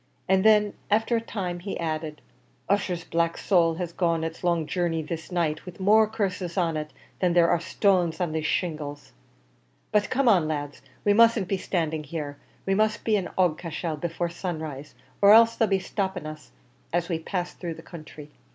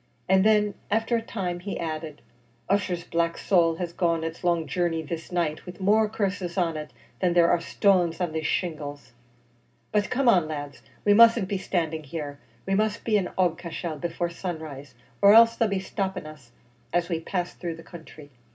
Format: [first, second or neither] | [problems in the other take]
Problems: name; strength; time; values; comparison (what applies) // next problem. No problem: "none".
first | room echo; dies away in 0.4 s